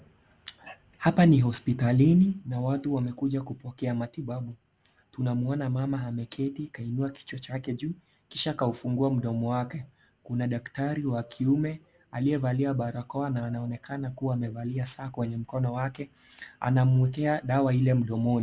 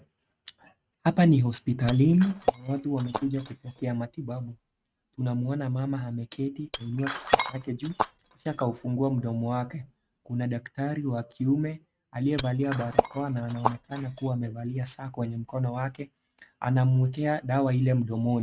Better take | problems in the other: first | noise reduction (neural mask model RNNoise)

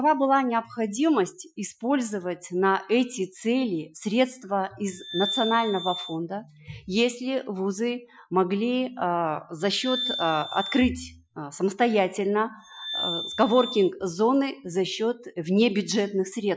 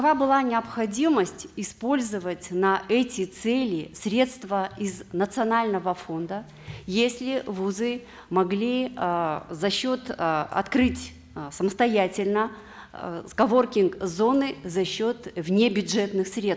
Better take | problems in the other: second | noise reduction (classical method Wiener filter)

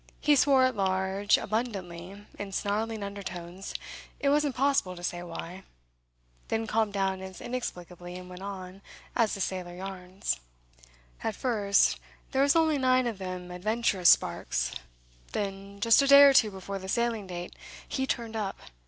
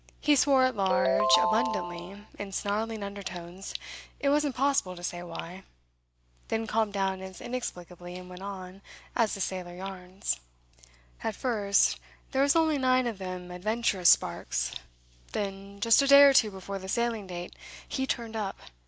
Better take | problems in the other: first | background sound (Ringtone); 1 dB above the speech

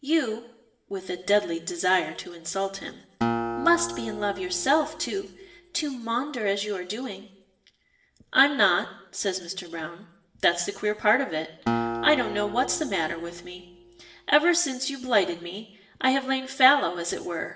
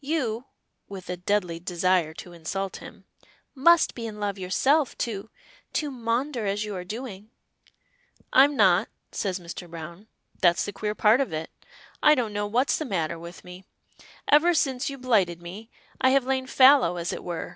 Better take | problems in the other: second | background sound (Acoustic guitar); 7 dB below the speech // room echo; dies away in 0.7 s

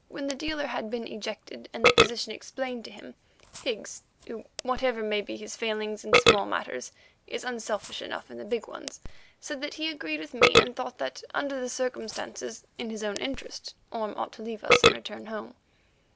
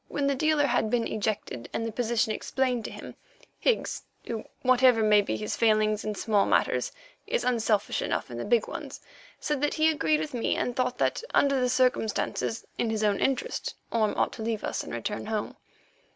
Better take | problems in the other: second | background sound (Burping, eructation); 3 dB above the speech

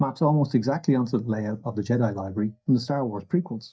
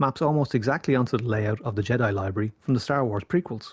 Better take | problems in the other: second | noise reduction (neural mask model DeepFilterNet 3)

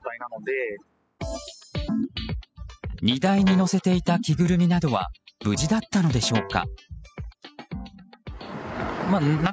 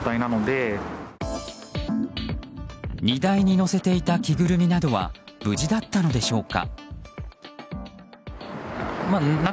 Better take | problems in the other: second | noise reduction (classical method spectral subtraction)

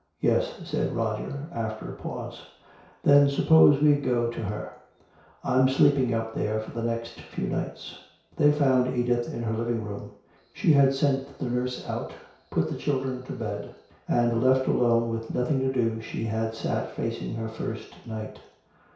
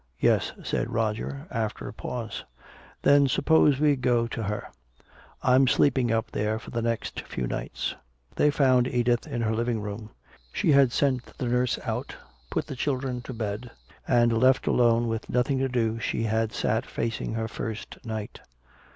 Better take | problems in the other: second | room echo; dies away in 0.6 s

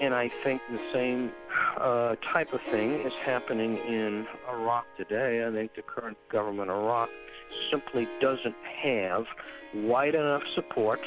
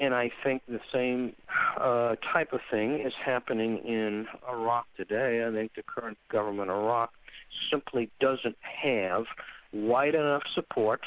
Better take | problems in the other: second | background sound (Harp); 14 dB below the speech

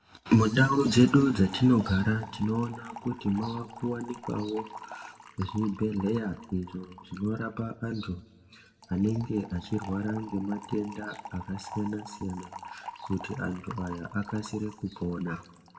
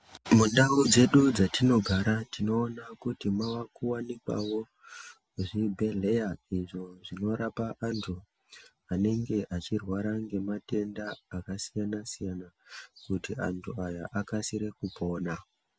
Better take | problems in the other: second | background sound (Fill (with liquid) / Trickle, dribble); 17 dB below the speech // room echo; dies away in 1.2 s

